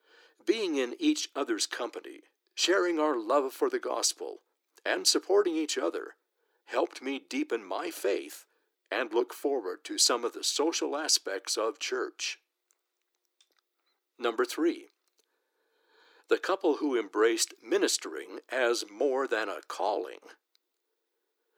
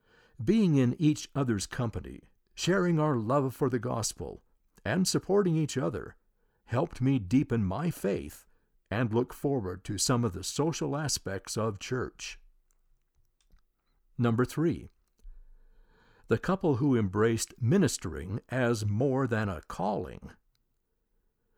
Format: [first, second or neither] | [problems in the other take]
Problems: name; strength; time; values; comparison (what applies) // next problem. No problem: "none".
second | thin; very; fading below 300 Hz